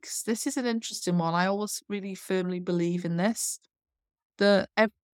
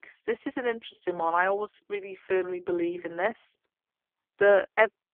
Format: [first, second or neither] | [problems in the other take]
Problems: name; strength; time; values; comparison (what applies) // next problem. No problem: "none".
first | phone-call audio; poor line; nothing above 3.5 kHz